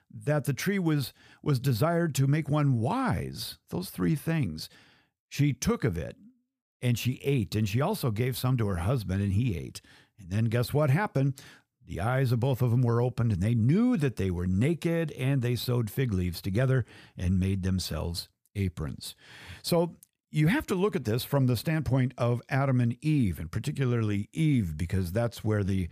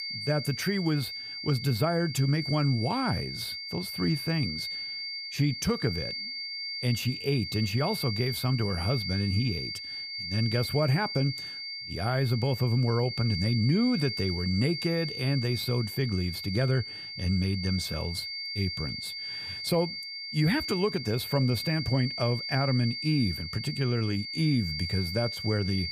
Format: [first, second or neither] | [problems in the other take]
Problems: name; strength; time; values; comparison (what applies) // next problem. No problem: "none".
first | high-pitched whine; loud; throughout; 4.5 kHz, 5 dB below the speech